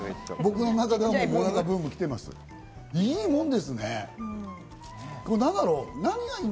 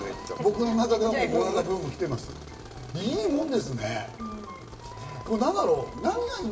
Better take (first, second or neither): first